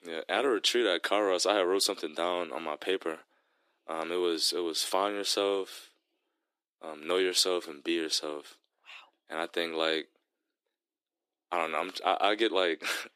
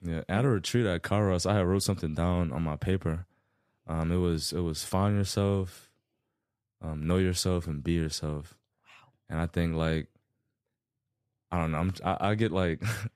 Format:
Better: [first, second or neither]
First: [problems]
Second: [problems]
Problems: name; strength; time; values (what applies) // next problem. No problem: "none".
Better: second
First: thin; very; fading below 300 Hz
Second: none